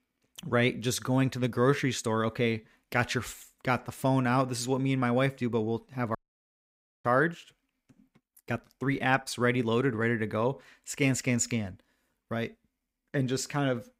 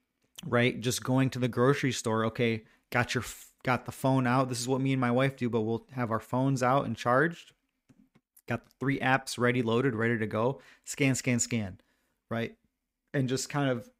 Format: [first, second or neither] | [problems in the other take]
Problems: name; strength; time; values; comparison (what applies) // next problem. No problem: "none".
second | audio cutting out; at 6 s for 1 s